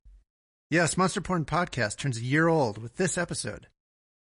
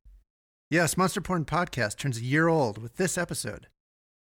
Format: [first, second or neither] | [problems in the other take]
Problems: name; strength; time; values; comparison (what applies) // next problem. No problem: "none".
second | garbled, watery; slightly; nothing above 10.5 kHz